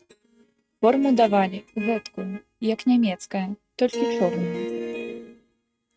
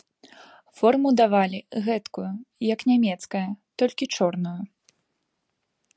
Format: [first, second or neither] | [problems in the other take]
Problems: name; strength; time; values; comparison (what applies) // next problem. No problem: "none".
second | noise reduction (neural mask model RNNoise)